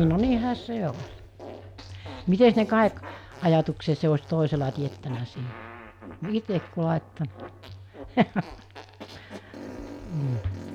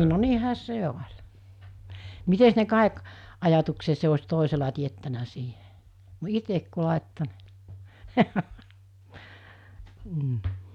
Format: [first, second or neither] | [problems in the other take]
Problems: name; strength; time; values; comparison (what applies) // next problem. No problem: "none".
second | background sound (Fart); 17 dB below the speech